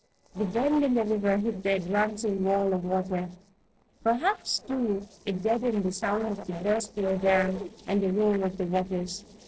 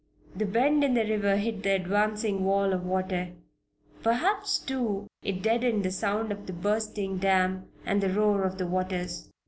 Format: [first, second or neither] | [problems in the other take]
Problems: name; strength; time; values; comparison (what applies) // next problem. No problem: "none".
second | noise reduction (neural separator model SepFormer DNS4)